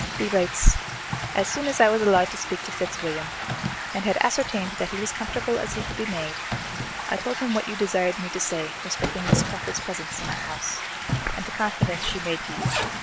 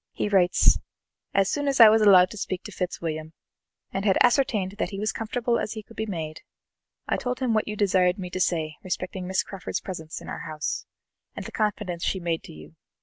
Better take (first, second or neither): second